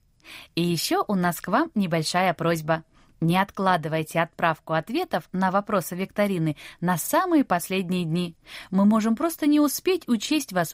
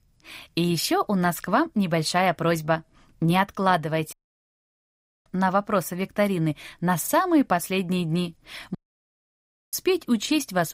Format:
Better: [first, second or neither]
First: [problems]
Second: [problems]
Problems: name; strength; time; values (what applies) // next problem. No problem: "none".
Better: first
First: none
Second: audio cutting out; at 4 s for 1 s and at 9 s for 1 s